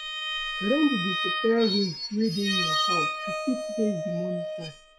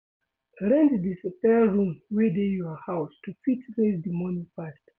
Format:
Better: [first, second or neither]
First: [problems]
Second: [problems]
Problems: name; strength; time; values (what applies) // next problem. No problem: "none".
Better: second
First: noise reduction (classical method log-MMSE)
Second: none